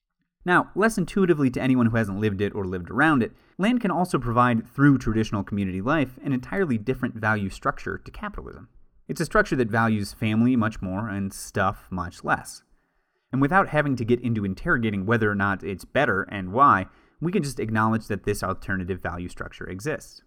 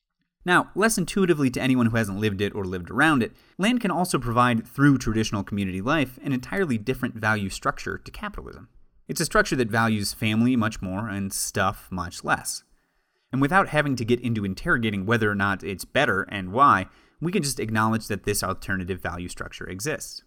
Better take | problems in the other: second | muffled; slightly; fading above 2.5 kHz

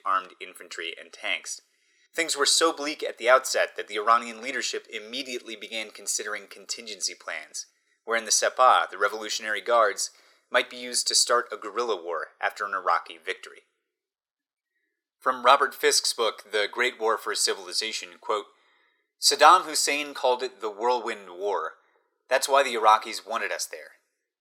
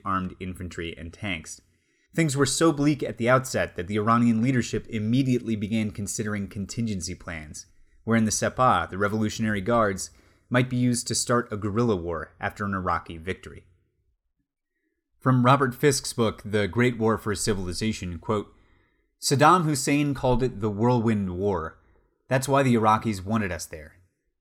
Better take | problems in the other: second | thin; very; fading below 450 Hz

